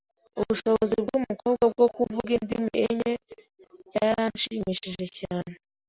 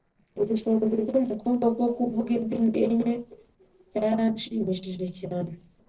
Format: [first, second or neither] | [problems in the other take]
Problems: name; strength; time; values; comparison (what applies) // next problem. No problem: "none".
first | noise reduction (neural separator model SepFormer DNS4)